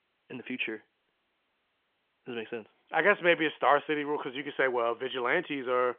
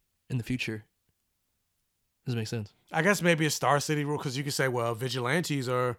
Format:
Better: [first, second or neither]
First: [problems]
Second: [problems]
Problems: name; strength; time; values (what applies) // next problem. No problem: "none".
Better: second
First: phone-call audio; nothing above 3.5 kHz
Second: none